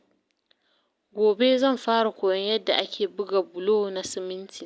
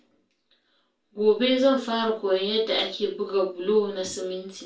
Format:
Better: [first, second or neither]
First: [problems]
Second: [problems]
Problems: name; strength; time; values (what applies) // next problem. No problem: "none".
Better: first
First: none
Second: room echo; dies away in 0.2 s